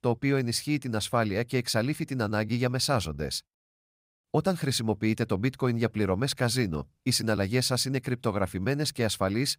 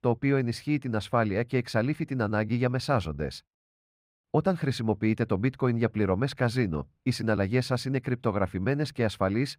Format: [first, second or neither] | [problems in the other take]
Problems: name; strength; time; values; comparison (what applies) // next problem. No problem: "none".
first | muffled; slightly; fading above 4 kHz